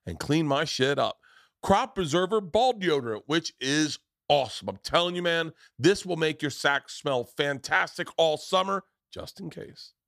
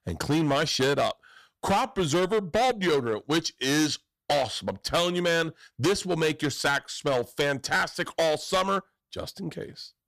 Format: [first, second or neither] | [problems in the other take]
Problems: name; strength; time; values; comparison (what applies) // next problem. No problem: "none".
first | distortion; heavy; 11% of the sound clipped